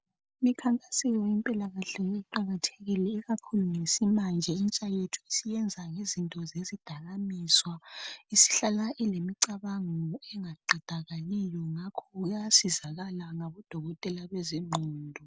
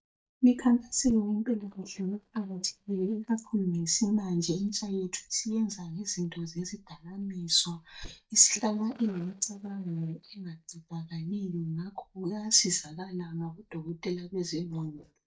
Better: first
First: none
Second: noise reduction (neural mask model DeepFilterNet 3)

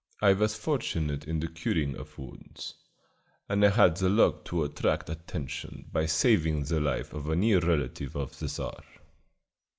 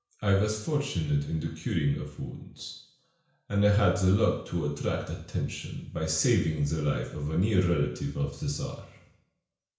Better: first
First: none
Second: room echo; dies away in 0.5 s

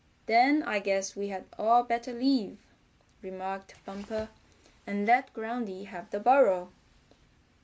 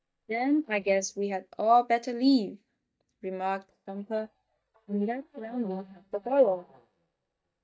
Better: first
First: none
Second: noise reduction (neural mask model DeepFilterNet 3)

